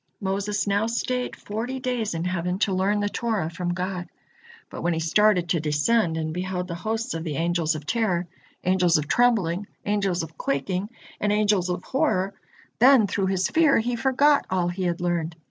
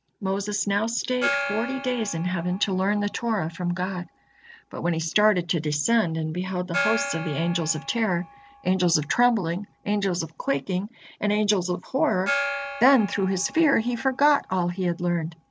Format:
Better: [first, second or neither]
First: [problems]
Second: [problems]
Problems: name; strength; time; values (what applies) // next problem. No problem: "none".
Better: first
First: none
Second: background sound (Gong); 11 dB below the speech